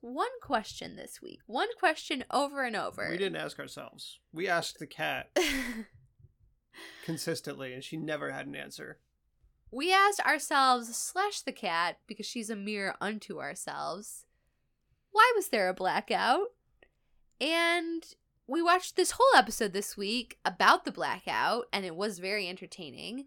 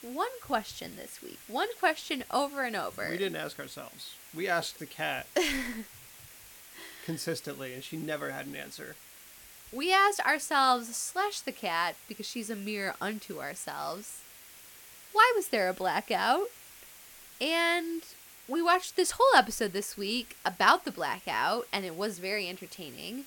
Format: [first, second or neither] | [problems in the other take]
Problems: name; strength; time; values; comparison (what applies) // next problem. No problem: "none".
first | hiss; noticeable; throughout; 20 dB below the speech